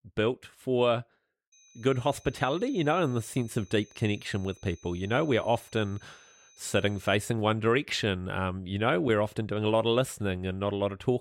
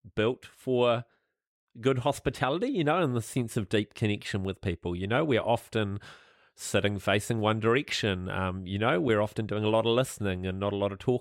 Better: second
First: high-pitched whine; faint; from 1.5 to 7 s; 6 kHz, 25 dB below the speech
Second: none

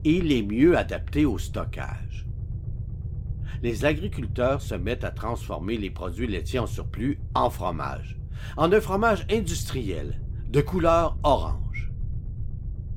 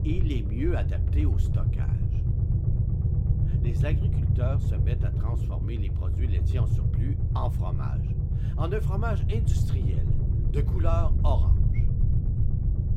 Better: first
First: low rumble; faint; throughout; 25 dB below the speech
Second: low rumble; loud; throughout; 2 dB below the speech

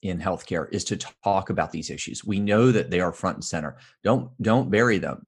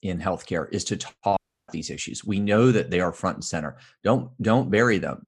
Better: first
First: none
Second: audio cutting out; at 1.5 s

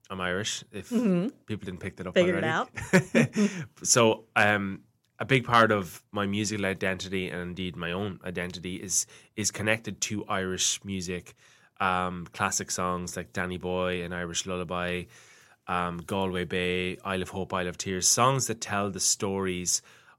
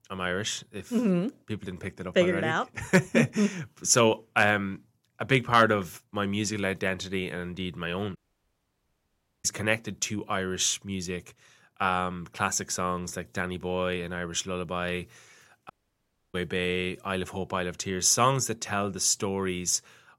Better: first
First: none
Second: audio cutting out; at 8 s for 1.5 s and at 16 s for 0.5 s

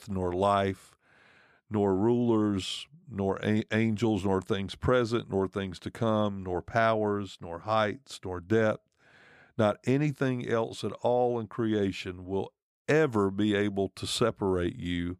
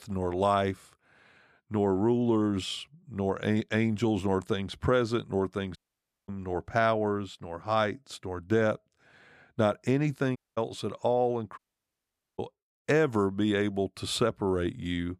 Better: first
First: none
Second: audio cutting out; at 6 s for 0.5 s, at 10 s and at 12 s for 1 s

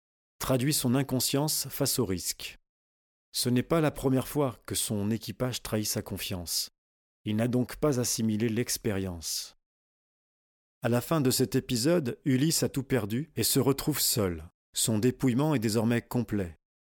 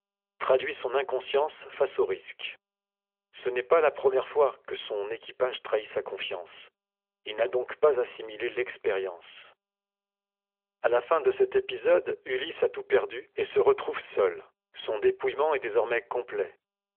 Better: first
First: none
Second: phone-call audio; nothing above 3.5 kHz

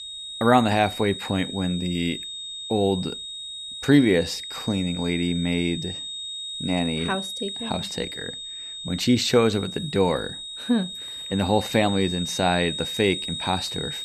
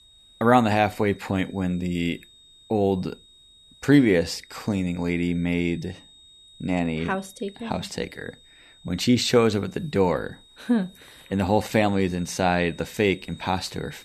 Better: second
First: high-pitched whine; loud; throughout; 4 kHz, 7 dB below the speech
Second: high-pitched whine; faint; throughout; 4 kHz, 25 dB below the speech

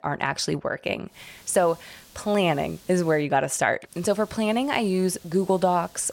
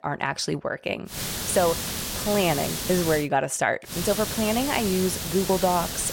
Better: first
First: hiss; faint; from 1 to 3 s and from 4 s on; 25 dB below the speech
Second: hiss; loud; from 1 to 3 s and from 4 s on; 4 dB below the speech

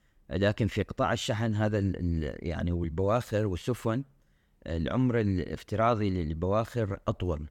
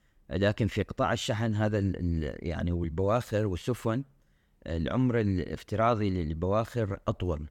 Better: neither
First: none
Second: none

